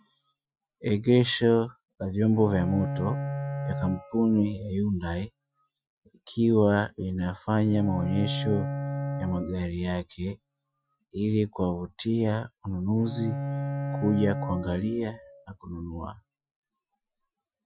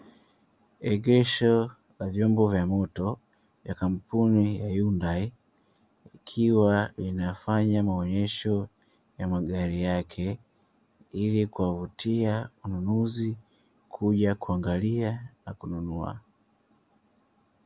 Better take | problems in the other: second | noise reduction (classical method Wiener filter)

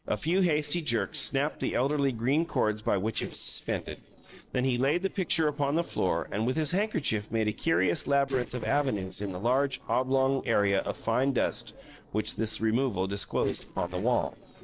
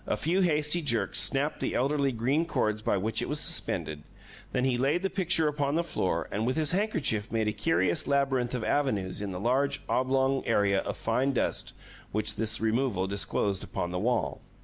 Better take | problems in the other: second | noise reduction (neural separator model SepFormer DNS4)

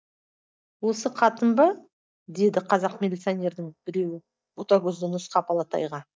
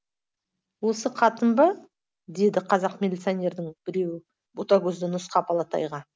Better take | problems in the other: second | noise reduction (neural mask model DeepFilterNet 3)

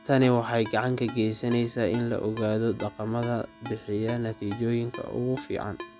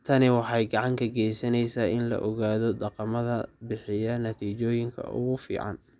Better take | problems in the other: second | background sound (Ringtone); 17 dB below the speech

